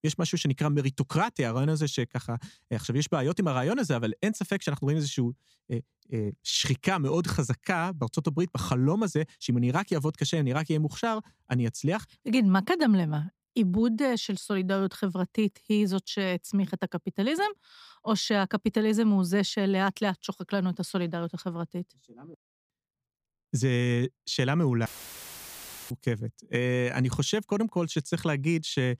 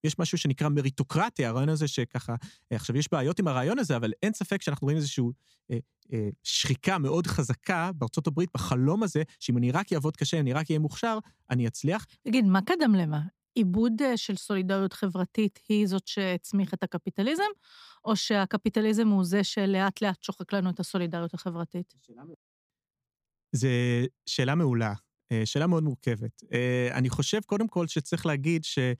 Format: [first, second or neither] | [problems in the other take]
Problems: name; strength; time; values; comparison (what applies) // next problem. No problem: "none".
second | audio cutting out; filled with static; at 25 s for 1 s